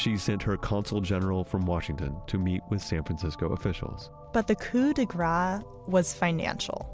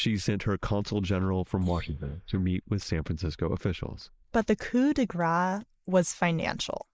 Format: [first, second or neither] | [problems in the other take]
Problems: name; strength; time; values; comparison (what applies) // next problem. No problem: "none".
first | noise reduction (neural mask model Resemble Enhance denoiser)